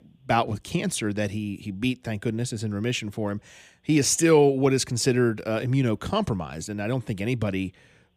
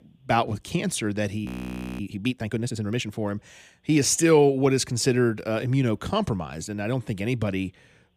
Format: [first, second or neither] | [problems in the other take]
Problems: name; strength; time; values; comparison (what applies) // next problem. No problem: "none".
first | audio freezing; at 1.5 s for 0.5 s